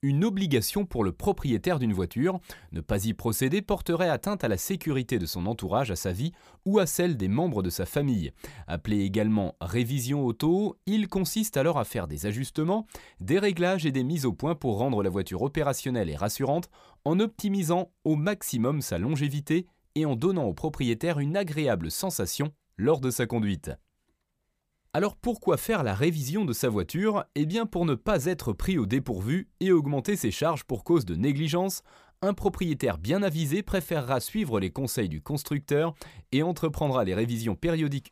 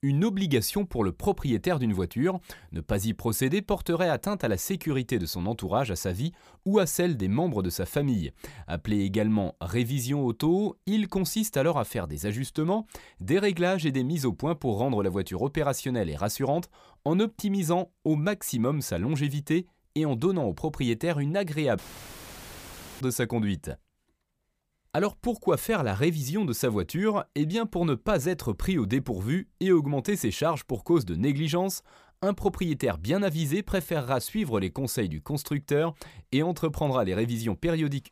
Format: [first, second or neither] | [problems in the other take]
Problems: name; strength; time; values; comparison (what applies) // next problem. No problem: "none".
first | audio cutting out; filled with static; at 22 s for 1 s